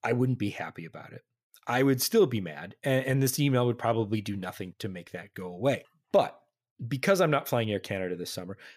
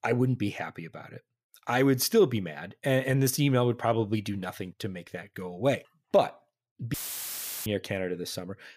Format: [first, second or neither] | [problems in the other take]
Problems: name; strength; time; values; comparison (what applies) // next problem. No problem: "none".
first | audio cutting out; filled with static; at 7 s for 0.5 s